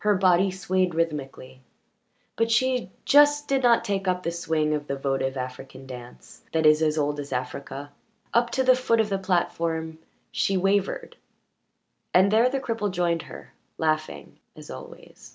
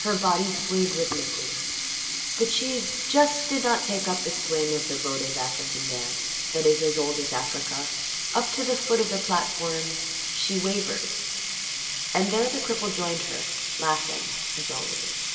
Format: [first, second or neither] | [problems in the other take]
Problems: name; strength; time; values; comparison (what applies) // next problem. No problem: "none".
first | background sound (Sink (filling or washing)); 1 dB below the speech // room echo; dies away in 2 s